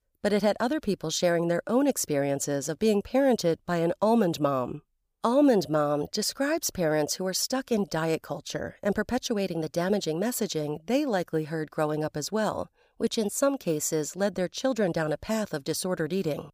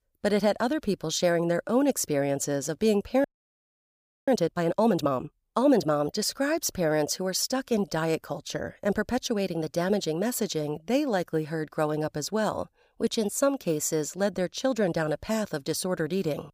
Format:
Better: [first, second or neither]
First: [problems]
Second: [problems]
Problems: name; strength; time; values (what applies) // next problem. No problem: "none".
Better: first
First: none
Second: audio freezing; at 3 s for 1 s